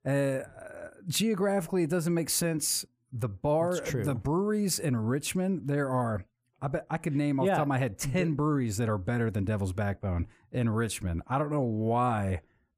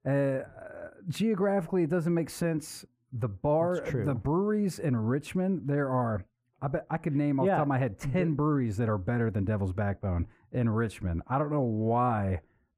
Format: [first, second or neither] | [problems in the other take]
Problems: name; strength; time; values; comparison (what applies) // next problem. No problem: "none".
first | muffled; slightly; fading above 3 kHz